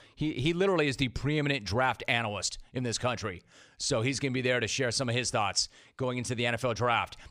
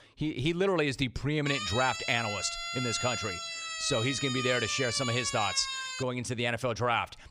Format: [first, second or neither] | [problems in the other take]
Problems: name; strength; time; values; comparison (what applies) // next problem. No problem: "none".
first | siren; noticeable; from 1.5 to 6 s; peak 2 dB below the speech